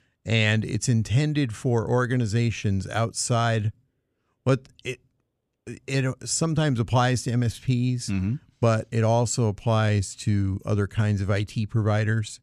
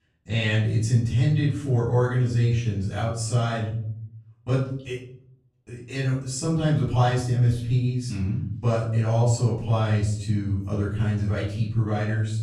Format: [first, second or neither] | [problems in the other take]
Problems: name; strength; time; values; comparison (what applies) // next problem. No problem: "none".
first | off-mic speech; far // room echo; noticeable; dies away in 0.7 s